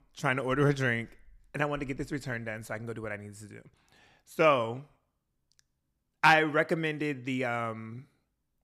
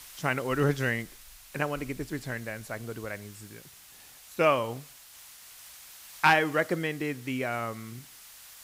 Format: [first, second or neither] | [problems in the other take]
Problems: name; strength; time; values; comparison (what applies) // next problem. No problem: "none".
first | hiss; noticeable; throughout; 20 dB below the speech